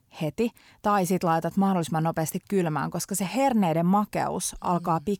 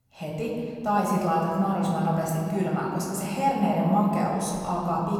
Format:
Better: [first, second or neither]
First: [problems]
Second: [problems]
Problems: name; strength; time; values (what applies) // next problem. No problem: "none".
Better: first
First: none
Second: off-mic speech; far // room echo; noticeable; dies away in 2.1 s